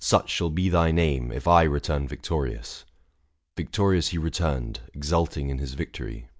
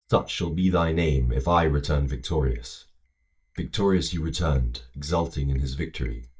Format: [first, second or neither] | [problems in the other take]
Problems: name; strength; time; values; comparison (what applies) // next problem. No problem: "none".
first | noise reduction (neural mask model DeepFilterNet 3)